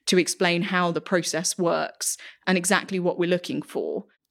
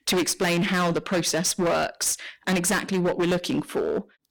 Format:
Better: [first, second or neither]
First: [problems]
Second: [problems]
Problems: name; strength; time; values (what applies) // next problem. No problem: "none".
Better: first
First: none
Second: distortion; heavy; 22% of the sound clipped